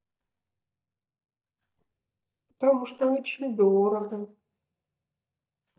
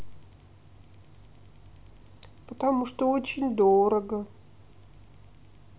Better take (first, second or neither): second